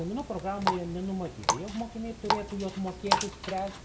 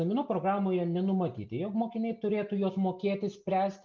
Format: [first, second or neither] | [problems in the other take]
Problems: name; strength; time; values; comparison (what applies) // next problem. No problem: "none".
second | background sound (Water tap, faucet); 1 dB above the speech